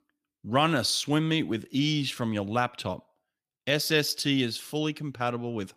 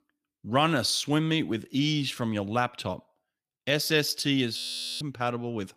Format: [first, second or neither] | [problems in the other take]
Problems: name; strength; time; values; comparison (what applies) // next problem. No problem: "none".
first | audio freezing; at 4.5 s